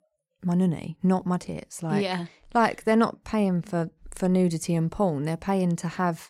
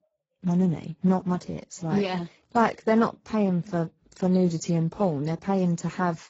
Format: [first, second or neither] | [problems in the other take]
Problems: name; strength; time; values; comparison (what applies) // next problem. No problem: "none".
first | garbled, watery; badly; nothing above 7.5 kHz